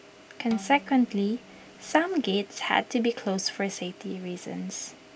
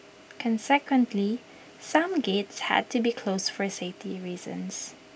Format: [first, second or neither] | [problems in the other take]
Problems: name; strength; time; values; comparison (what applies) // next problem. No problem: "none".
second | background sound (Bowed string instrument); 19 dB below the speech